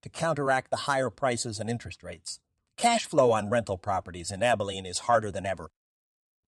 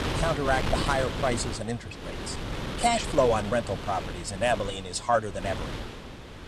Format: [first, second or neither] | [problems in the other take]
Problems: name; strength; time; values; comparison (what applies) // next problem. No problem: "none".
first | wind noise on the microphone; heavy; 9 dB below the speech